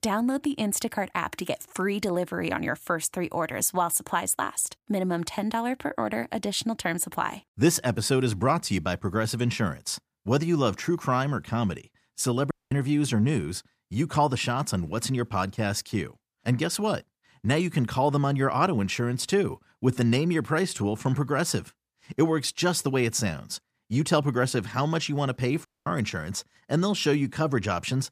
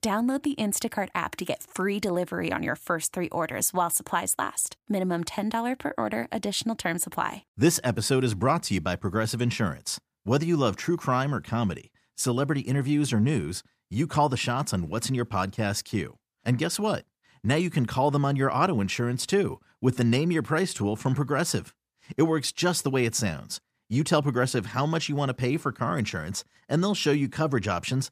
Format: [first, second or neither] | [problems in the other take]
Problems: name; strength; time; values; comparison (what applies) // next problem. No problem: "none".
second | audio cutting out; at 13 s and at 26 s